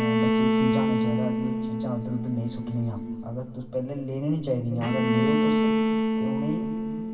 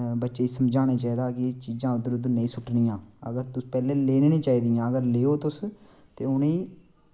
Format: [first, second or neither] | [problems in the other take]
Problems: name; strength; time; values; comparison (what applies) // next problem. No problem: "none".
second | background sound (Bowed string instrument); 4 dB above the speech // room echo; dies away in 2.5 s